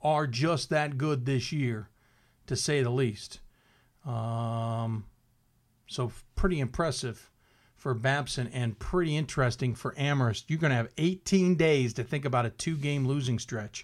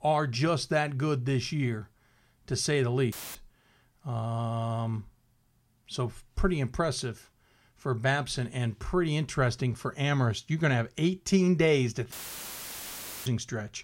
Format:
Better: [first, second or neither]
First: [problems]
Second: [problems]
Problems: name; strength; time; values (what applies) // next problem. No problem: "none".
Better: first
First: none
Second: audio cutting out; filled with static; at 3 s and at 12 s for 1 s